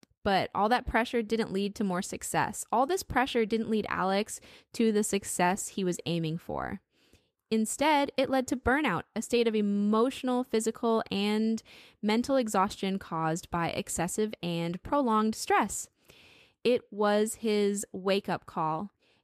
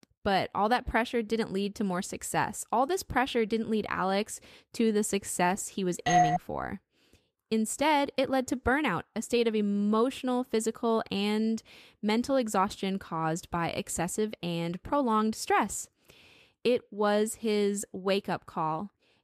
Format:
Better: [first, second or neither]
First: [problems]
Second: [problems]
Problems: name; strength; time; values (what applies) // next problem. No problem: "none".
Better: first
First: none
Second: doorbell; loud; at 6 s; peak 5 dB above the speech